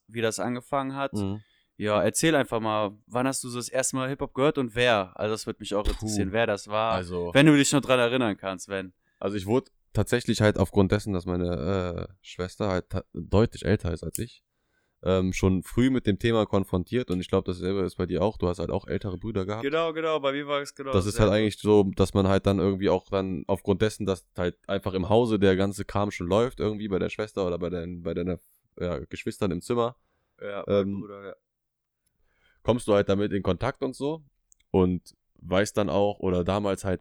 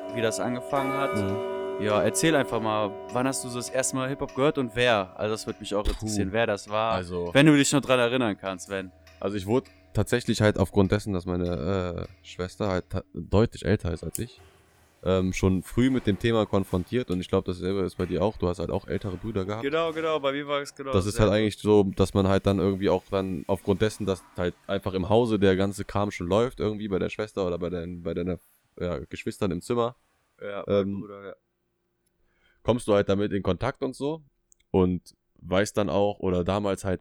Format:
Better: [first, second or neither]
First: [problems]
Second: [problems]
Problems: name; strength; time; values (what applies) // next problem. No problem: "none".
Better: first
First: none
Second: household noises; noticeable; throughout; 10 dB below the speech